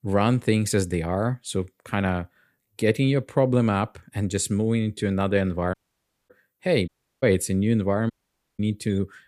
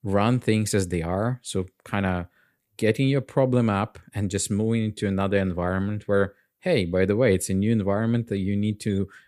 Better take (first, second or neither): second